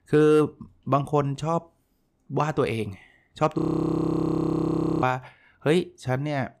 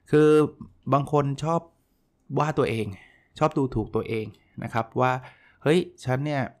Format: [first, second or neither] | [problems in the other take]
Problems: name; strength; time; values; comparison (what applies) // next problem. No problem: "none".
second | audio freezing; at 3.5 s for 1.5 s